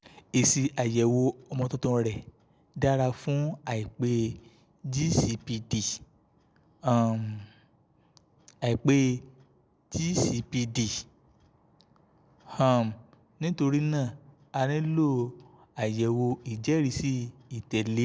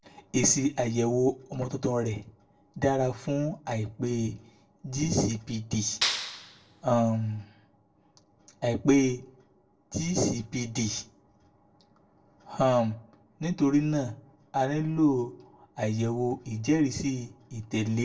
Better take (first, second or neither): first